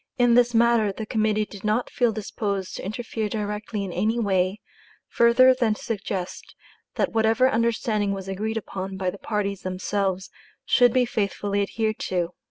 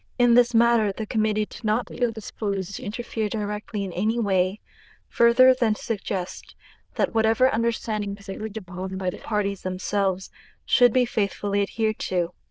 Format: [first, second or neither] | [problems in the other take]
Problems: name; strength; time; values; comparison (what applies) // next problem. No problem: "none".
first | noise reduction (neural diffusion model UNIVERSE++)